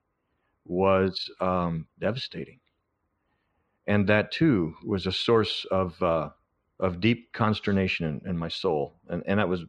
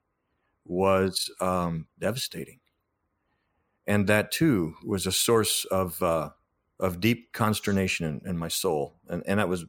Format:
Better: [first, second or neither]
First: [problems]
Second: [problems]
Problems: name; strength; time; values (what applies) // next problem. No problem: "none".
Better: second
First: muffled; very slightly; fading above 4 kHz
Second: none